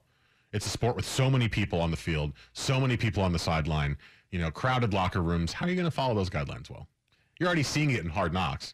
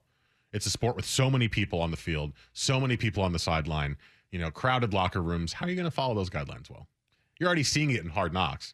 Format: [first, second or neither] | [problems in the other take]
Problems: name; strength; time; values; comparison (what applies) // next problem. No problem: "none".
second | distortion; slight; 10 dB below the speech